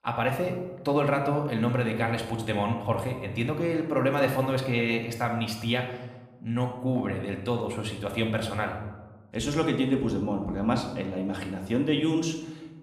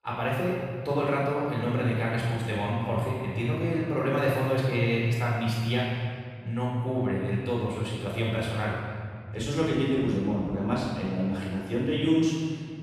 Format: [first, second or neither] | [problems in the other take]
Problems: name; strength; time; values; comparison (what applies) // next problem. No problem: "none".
first | room echo; strong; dies away in 2 s; slight in the first // off-mic speech; far; somewhat distant in the first